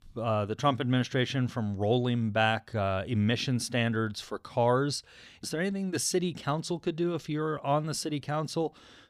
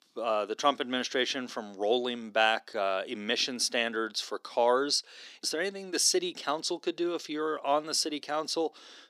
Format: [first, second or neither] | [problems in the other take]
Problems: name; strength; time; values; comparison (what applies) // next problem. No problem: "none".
first | thin; somewhat; fading below 300 Hz